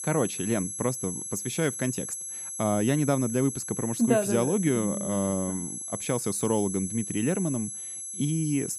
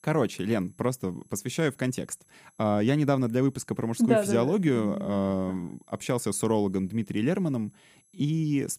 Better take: second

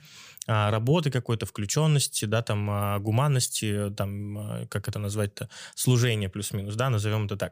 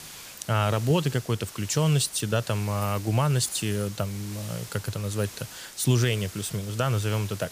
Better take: first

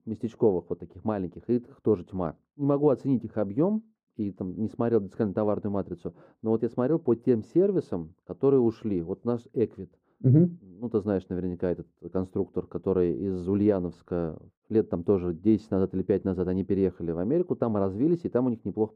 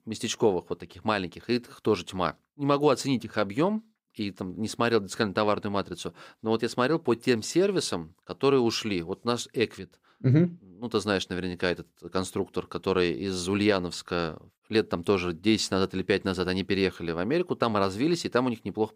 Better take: second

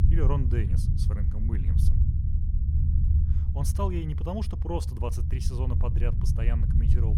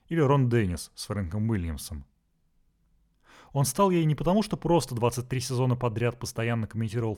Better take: second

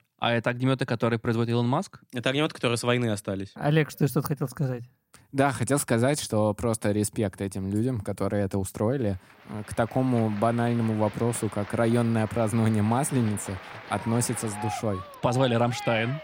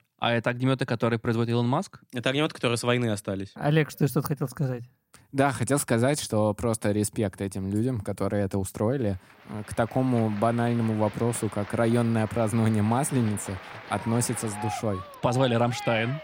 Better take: neither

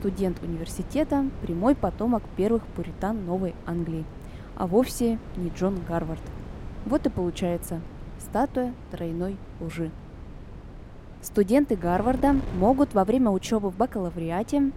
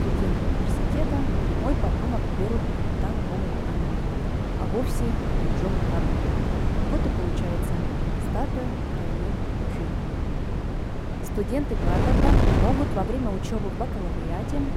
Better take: first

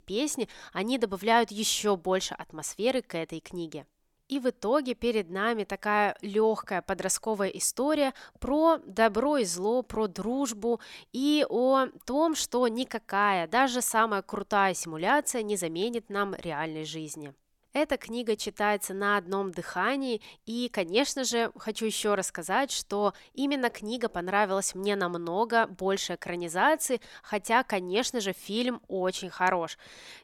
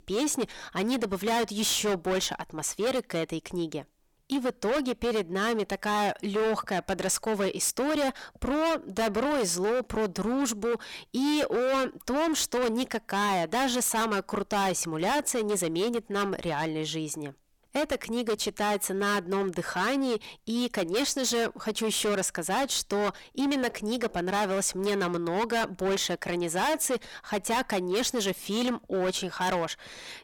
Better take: first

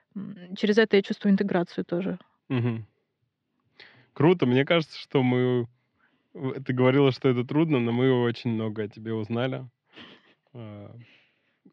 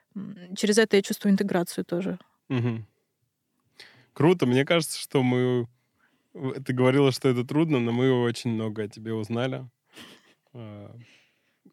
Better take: second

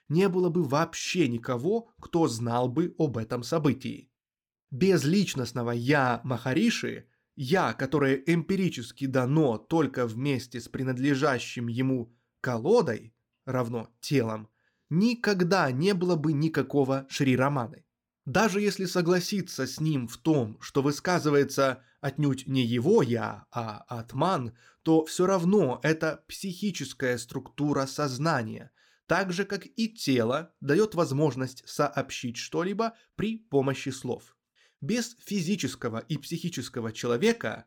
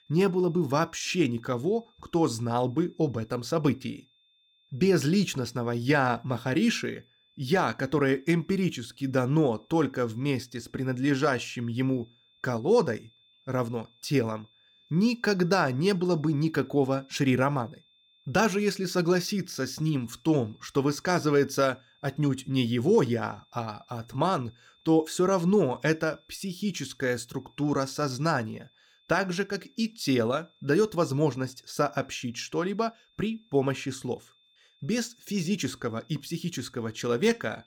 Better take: first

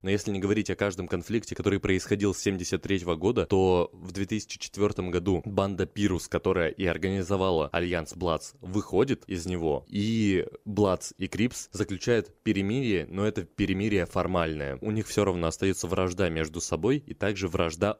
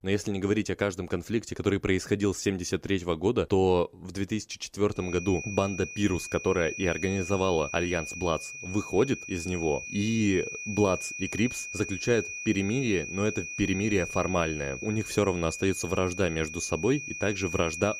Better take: first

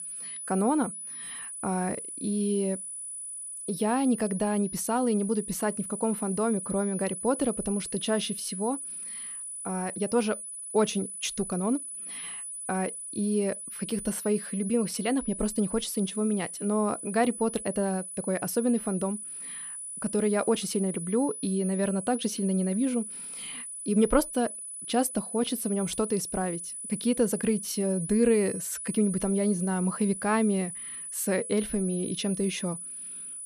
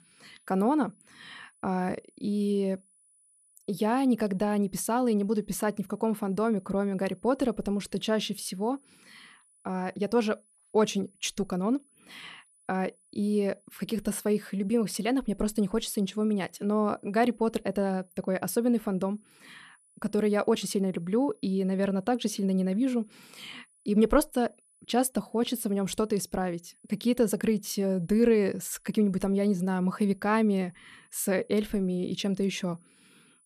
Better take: second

